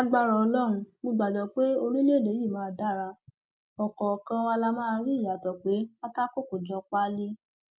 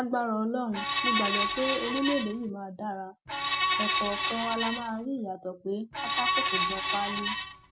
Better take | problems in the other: first | background sound (Screech); 3 dB above the speech

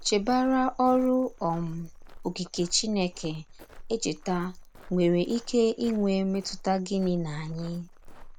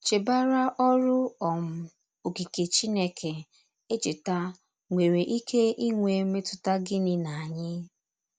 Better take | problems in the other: second | background sound (Walk, footsteps); 16 dB below the speech

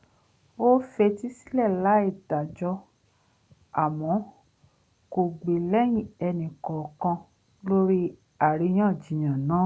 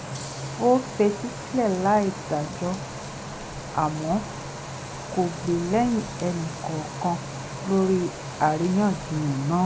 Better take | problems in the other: first | background sound (Frying (food) + Wind); 9 dB below the speech

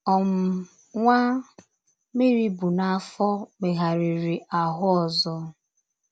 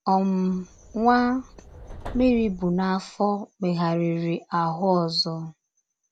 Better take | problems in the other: first | background sound (Subway, metro, underground); 17 dB below the speech

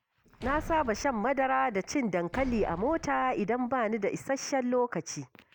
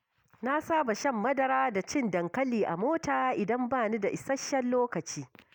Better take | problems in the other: second | background sound (Slam); 15 dB below the speech

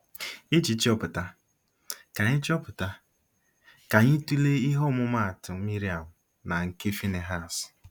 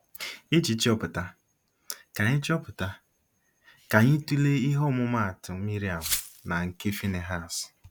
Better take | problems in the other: first | background sound (Glass); 7 dB below the speech

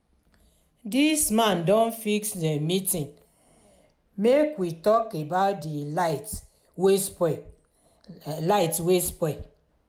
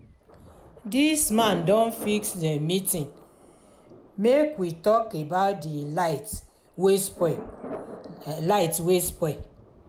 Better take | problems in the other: first | background sound (Thunder); 17 dB below the speech

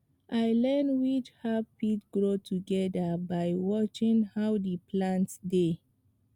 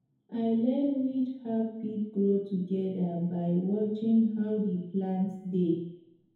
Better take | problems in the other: first | room echo; dies away in 2 s

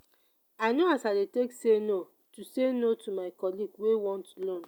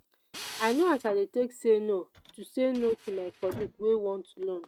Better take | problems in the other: first | noise reduction (neural mask model RNNoise)

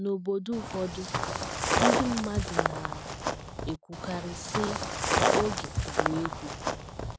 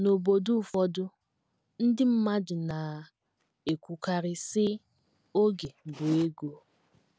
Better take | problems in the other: second | background sound (Walk, footsteps); 5 dB above the speech

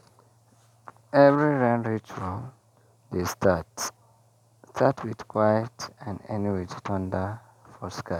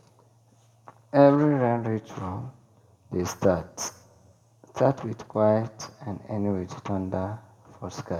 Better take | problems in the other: first | room echo; dies away in 0.6 s

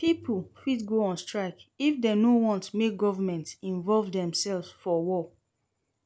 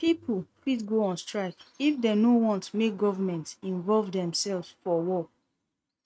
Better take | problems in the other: first | noise reduction (neural mask model RNNoise)

